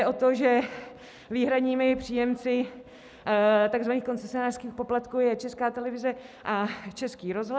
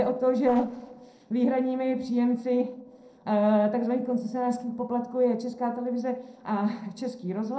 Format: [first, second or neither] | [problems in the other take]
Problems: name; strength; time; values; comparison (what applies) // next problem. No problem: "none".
first | noise reduction (neural separator model SepFormer DNS4)